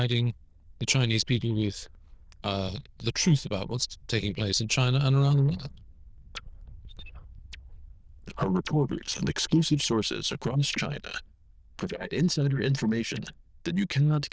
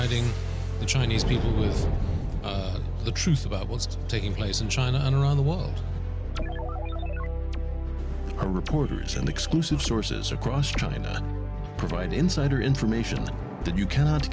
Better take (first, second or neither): second